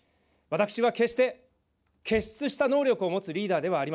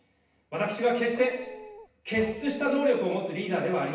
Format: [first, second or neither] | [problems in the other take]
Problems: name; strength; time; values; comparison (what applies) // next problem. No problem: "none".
first | background sound (Dog); 17 dB below the speech // room echo; dies away in 0.9 s